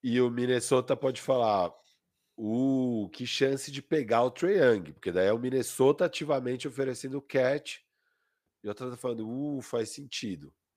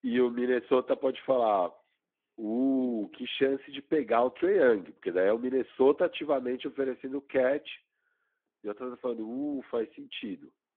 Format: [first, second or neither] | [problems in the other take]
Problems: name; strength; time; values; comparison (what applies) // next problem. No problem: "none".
first | phone-call audio; nothing above 3.5 kHz